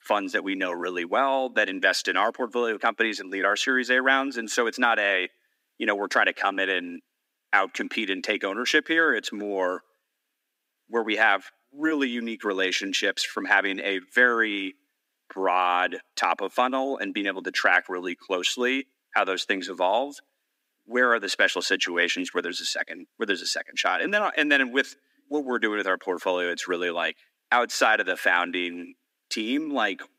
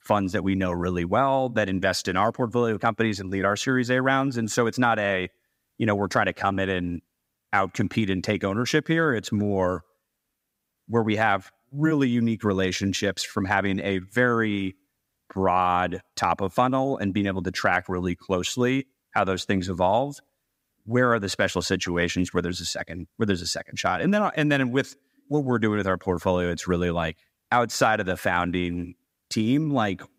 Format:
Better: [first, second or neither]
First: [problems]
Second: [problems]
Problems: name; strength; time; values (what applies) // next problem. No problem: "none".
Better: second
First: thin; somewhat; fading below 250 Hz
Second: none